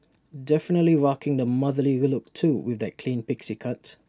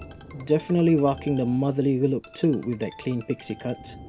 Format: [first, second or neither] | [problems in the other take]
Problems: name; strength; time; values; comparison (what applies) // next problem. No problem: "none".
first | background sound (Ringtone + Thunder); 20 dB below the speech